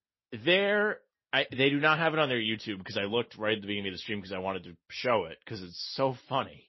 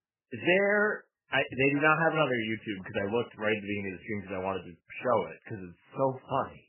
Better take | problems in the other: first | garbled, watery; badly; nothing above 3 kHz; slightly in the first

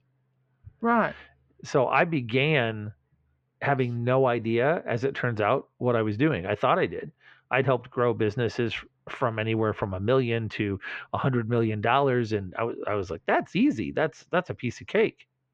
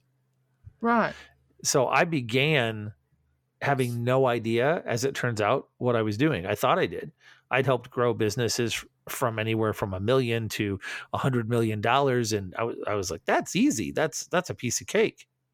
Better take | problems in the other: second | muffled; very; fading above 3 kHz

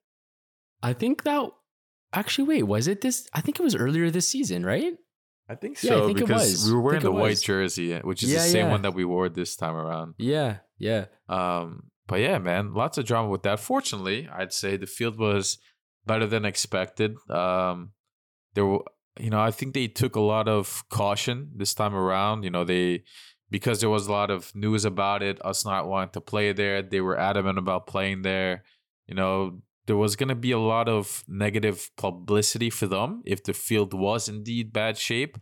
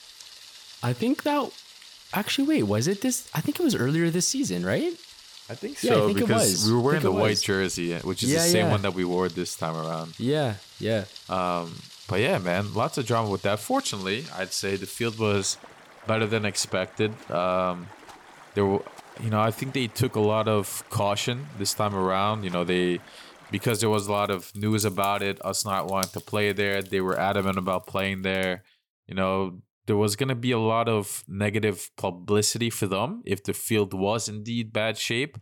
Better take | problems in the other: first | rain or running water; noticeable; until 28 s; 20 dB below the speech

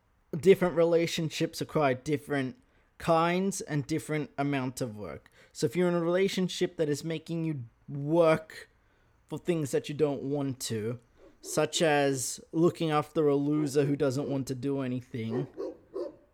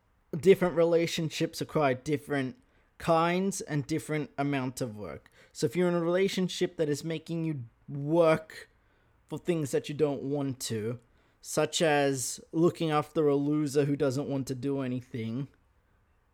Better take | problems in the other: second | animal sounds; noticeable; throughout; 15 dB below the speech

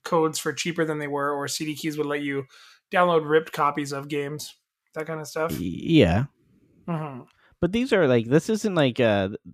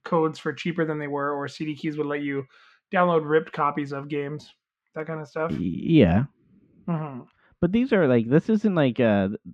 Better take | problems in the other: first | muffled; slightly; fading above 2.5 kHz

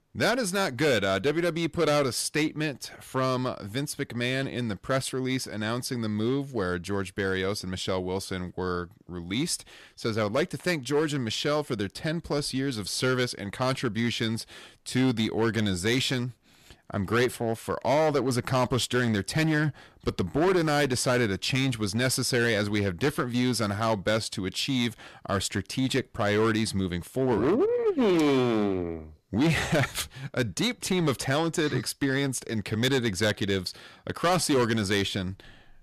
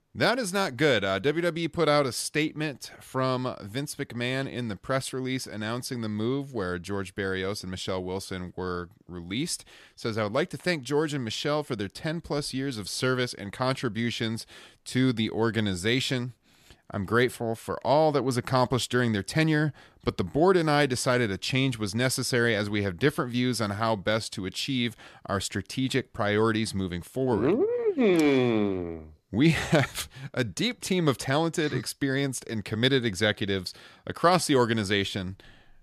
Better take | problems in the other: second | distortion; slight; 7% of the sound clipped

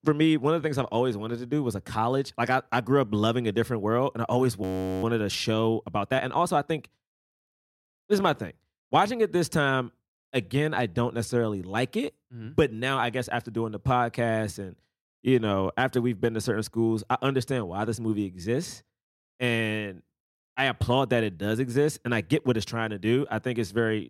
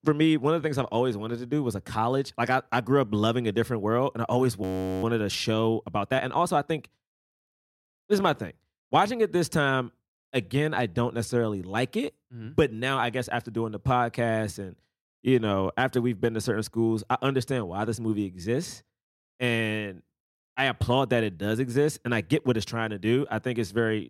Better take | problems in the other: neither | audio freezing; at 4.5 s; the same in both

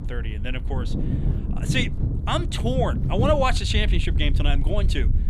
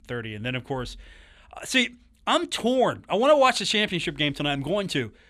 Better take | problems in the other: second | wind noise on the microphone; occasional gusts; 10 dB below the speech

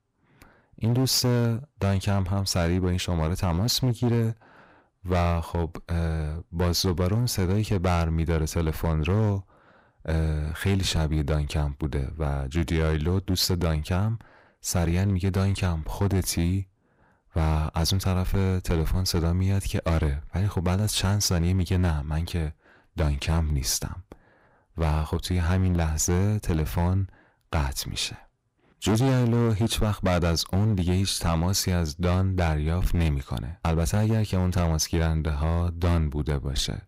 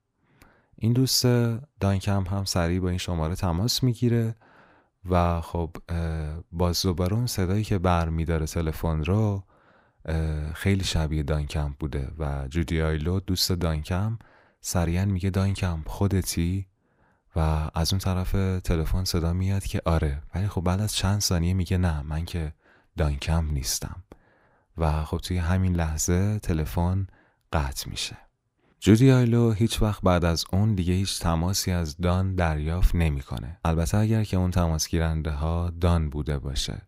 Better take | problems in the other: second | distortion; slight; 12% of the sound clipped

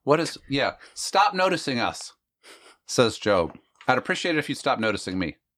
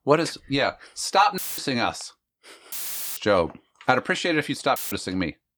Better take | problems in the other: first | audio cutting out; filled with static; at 1.5 s, at 2.5 s and at 5 s

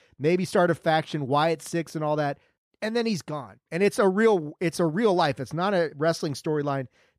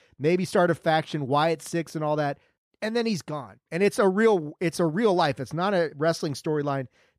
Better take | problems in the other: neither | none

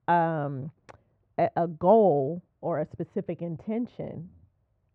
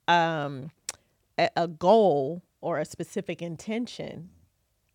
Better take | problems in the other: second | muffled; very; fading above 1 kHz

